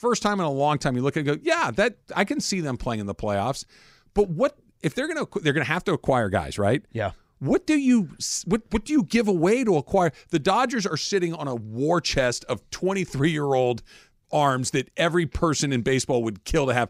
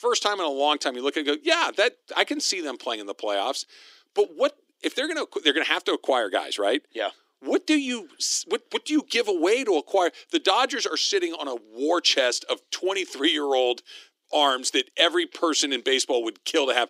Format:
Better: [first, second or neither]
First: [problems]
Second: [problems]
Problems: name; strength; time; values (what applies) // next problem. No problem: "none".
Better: first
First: none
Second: thin; somewhat; fading below 300 Hz